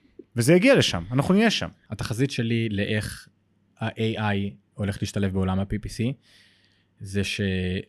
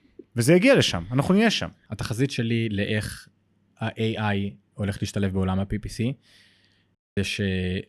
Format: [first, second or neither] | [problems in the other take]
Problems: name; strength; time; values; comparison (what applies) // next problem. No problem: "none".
first | audio cutting out; at 7 s